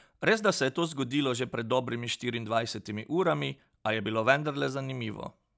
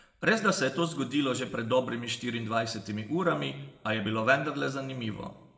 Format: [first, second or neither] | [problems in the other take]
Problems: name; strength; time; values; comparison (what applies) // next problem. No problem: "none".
first | room echo; dies away in 0.9 s